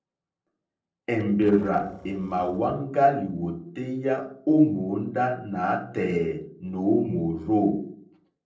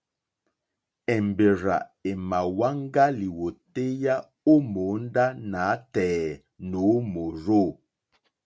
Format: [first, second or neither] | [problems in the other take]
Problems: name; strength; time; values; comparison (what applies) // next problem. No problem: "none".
second | noise reduction (neural separator model SepFormer DNS4)